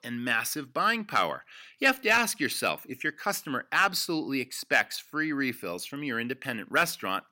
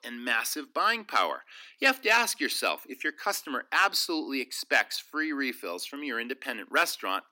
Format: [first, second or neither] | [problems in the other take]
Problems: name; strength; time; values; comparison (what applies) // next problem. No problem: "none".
first | thin; very slightly; fading below 250 Hz